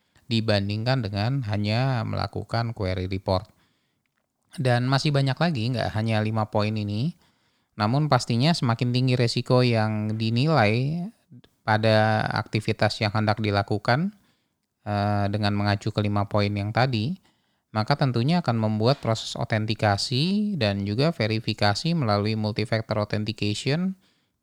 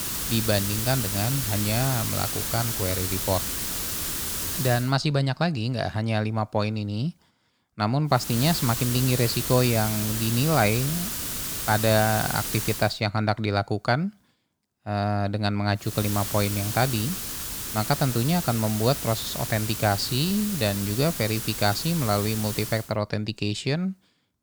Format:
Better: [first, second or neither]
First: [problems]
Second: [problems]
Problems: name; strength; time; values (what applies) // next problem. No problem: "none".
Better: first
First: none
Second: hiss; loud; until 5 s, from 8 to 13 s and from 16 to 23 s; 2 dB below the speech